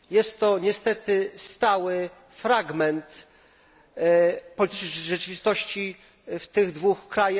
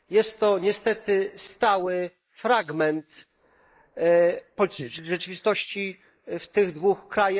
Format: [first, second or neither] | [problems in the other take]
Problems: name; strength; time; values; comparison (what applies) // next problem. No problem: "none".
first | noise reduction (neural mask model Resemble Enhance denoiser)